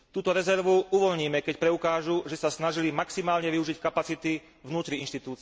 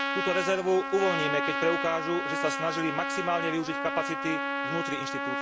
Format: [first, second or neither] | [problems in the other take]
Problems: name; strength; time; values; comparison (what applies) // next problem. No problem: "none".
first | background sound (Trumpet); 1 dB below the speech